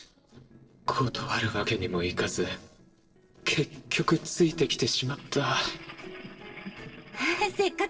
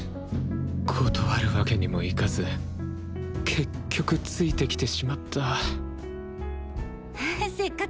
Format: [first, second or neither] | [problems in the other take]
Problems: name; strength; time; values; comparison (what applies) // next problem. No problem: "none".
second | noise reduction (neural separator model SepFormer DNS4)